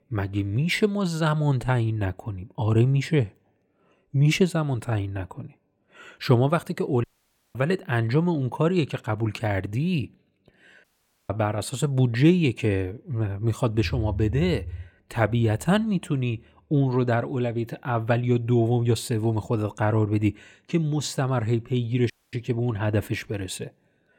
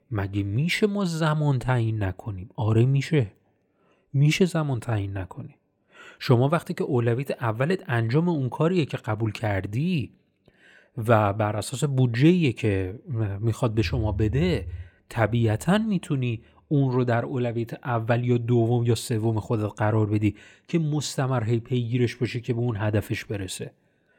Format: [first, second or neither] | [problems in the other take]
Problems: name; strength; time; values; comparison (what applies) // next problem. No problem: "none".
second | audio cutting out; at 7 s for 0.5 s, at 11 s and at 22 s